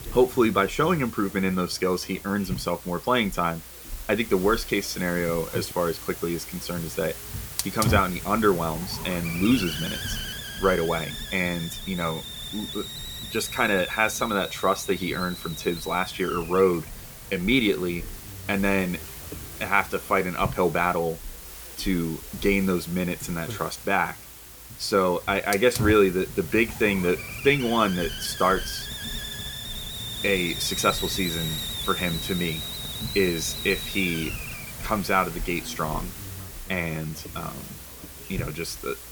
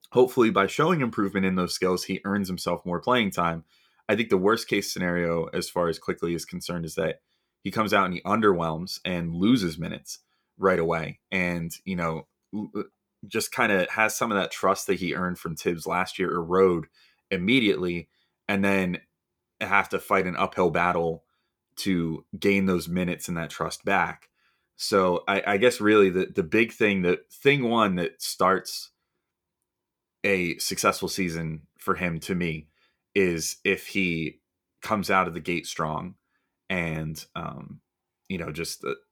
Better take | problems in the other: second | hiss; loud; throughout; 8 dB below the speech

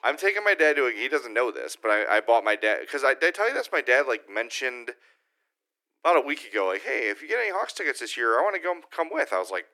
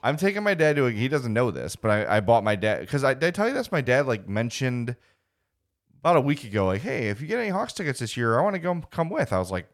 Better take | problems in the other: second | thin; very; fading below 300 Hz

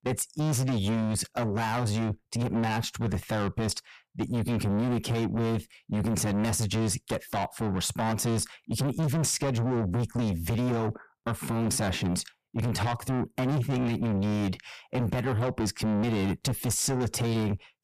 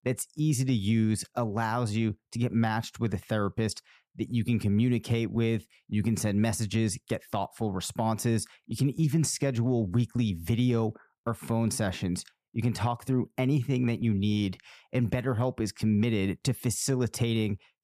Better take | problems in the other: second | distortion; heavy; 5 dB below the speech

